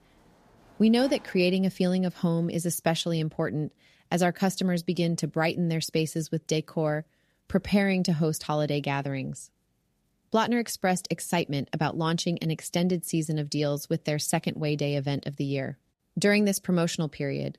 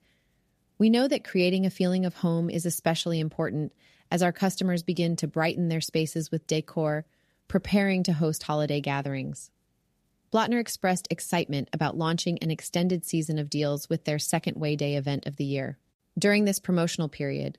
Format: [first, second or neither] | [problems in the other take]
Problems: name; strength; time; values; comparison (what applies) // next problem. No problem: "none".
second | household noises; faint; throughout; 25 dB below the speech